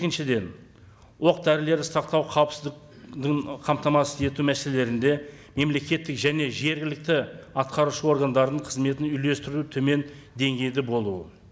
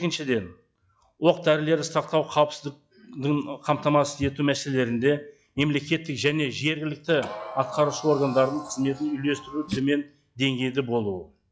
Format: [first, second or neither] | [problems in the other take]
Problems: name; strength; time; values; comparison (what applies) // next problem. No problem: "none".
first | noise reduction (classical method log-MMSE)